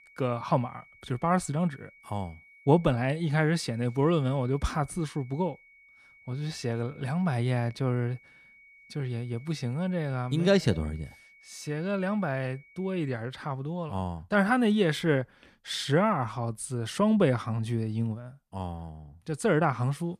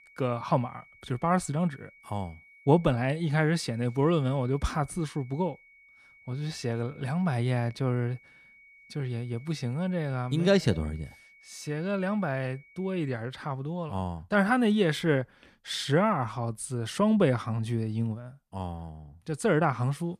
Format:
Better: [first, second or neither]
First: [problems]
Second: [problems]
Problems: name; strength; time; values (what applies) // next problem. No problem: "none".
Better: neither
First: high-pitched whine; faint; until 13 s; 2 kHz, 25 dB below the speech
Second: high-pitched whine; faint; until 13 s; 2 kHz, 25 dB below the speech